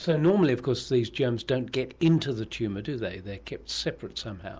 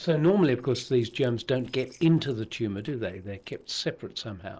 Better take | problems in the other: first | noise reduction (neural separator model SepFormer DNS4)

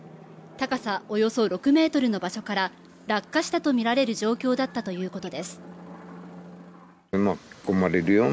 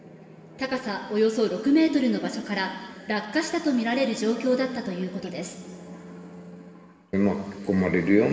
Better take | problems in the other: first | room echo; dies away in 2.5 s

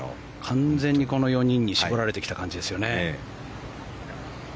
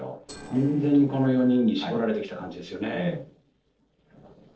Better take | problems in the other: first | noise reduction (neural separator model SepFormer DNS4)

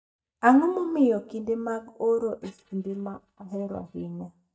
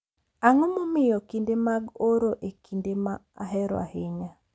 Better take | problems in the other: second | noise reduction (neural mask model DeepFilterNet 3)

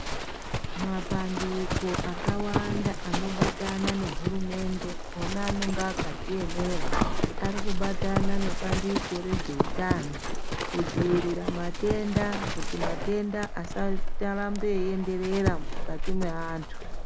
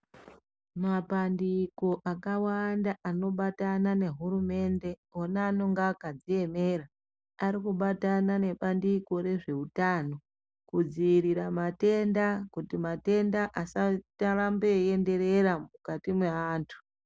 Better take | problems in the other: second | background sound (Livestock, farm animals, working animals); 3 dB above the speech

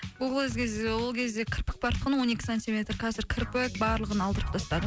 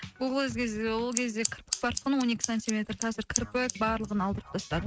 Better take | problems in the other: first | noise reduction (neural mask model RNNoise)

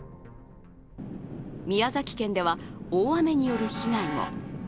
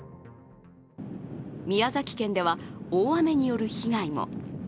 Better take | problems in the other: second | background sound (Train); 14 dB below the speech

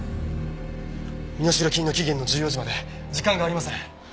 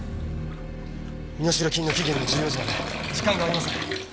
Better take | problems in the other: first | background sound (Bathtub (filling or washing) / Liquid); 5 dB below the speech

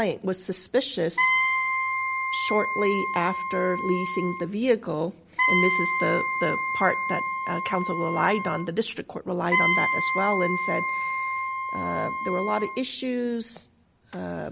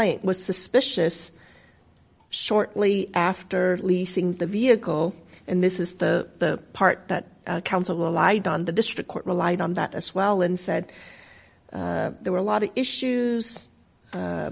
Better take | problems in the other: second | background sound (Wind instrument, woodwind instrument); 1 dB above the speech

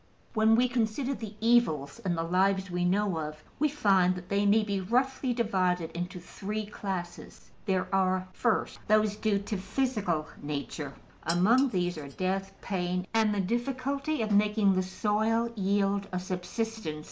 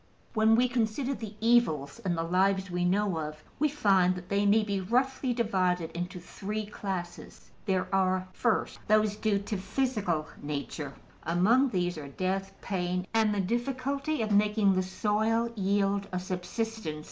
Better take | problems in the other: second | background sound (Dishes, pots, and pans); 17 dB below the speech

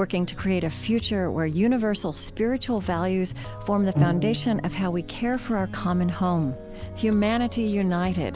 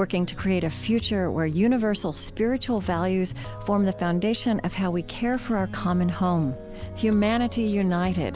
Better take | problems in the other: second | background sound (Bowed string instrument); 6 dB below the speech

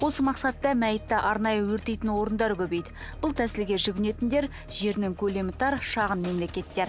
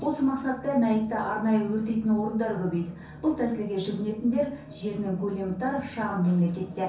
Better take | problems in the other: first | room echo; dies away in 0.6 s

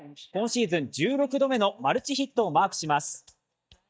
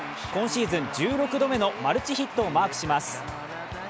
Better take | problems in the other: second | noise reduction (neural mask model DeepFilterNet 3)

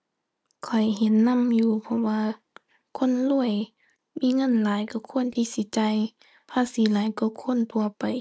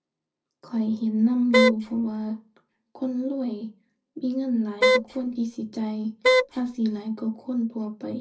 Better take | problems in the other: first | background sound (Wind instrument, woodwind instrument); 4 dB above the speech // room echo; dies away in 0.4 s

